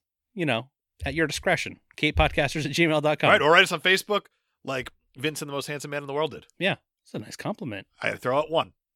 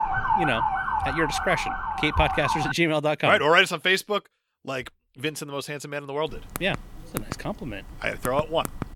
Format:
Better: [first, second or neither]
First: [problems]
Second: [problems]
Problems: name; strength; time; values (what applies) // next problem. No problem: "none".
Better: first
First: none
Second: siren; loud; until 2.5 s; peak 2 dB above the speech // keyboard typing; noticeable; from 6.5 s on; peak 10 dB below the speech